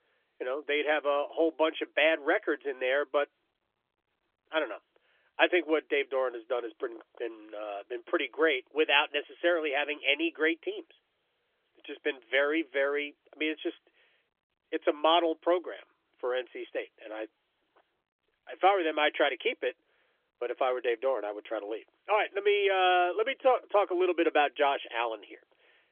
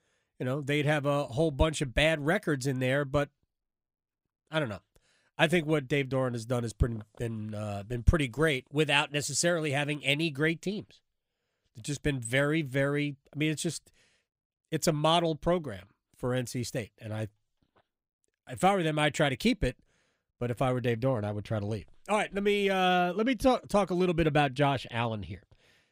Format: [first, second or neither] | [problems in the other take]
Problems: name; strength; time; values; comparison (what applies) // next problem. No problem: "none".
second | phone-call audio; nothing above 3.5 kHz